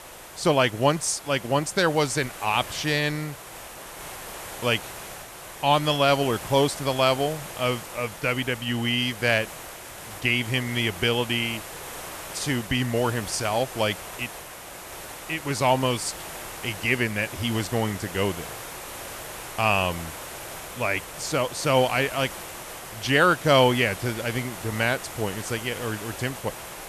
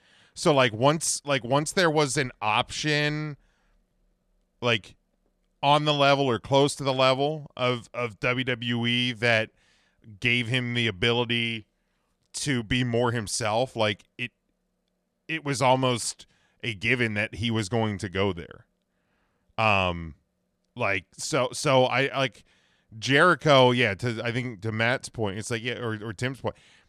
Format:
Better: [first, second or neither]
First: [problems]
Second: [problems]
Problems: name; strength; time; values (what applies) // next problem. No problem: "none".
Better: second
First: hiss; noticeable; throughout; 10 dB below the speech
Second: none